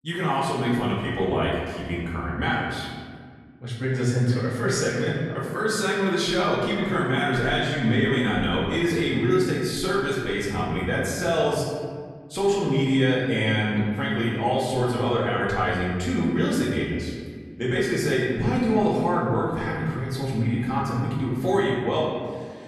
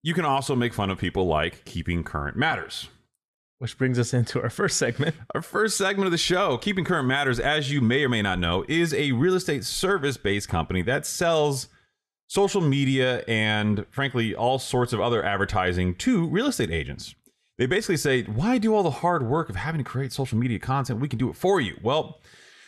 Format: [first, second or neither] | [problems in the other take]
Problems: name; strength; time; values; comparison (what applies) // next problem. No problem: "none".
second | room echo; noticeable; dies away in 1.7 s // off-mic speech; far